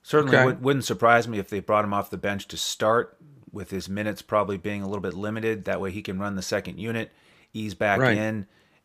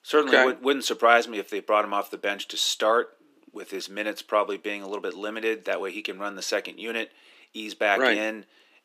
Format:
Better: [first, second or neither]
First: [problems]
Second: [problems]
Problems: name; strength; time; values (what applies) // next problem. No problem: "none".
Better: first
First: none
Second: thin; somewhat; fading below 250 Hz